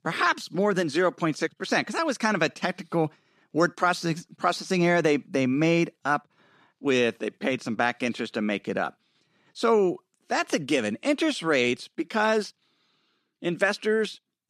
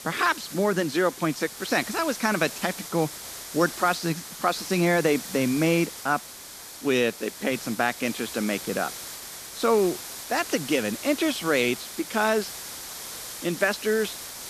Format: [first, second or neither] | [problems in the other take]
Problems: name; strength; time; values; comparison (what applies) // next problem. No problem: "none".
first | hiss; noticeable; throughout; 10 dB below the speech